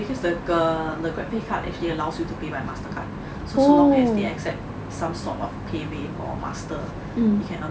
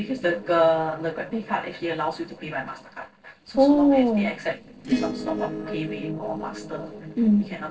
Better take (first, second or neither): first